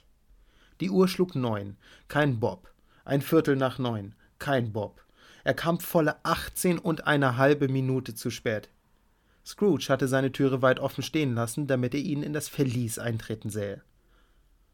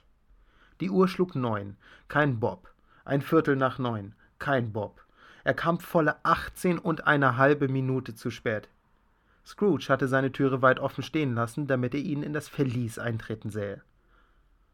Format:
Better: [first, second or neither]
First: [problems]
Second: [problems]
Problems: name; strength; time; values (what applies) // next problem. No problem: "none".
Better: first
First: none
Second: muffled; slightly; fading above 4 kHz